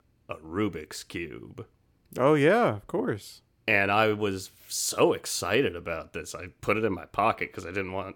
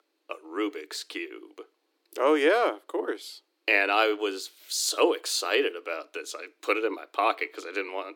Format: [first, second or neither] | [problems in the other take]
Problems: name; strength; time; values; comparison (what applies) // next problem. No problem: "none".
first | thin; somewhat; fading below 300 Hz